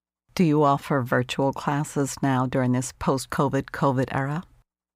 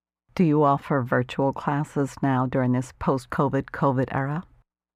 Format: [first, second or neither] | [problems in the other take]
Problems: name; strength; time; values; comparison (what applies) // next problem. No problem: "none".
first | muffled; slightly; fading above 3 kHz